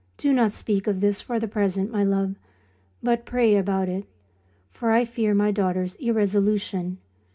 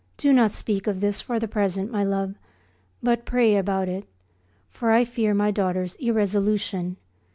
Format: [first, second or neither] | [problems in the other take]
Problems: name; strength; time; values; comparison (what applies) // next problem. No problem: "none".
second | room echo; dies away in 0.3 s